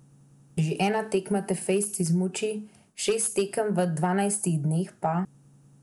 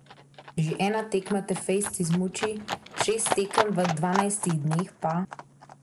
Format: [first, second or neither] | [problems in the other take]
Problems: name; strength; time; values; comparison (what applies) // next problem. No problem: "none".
first | background sound (Livestock, farm animals, working animals); 7 dB below the speech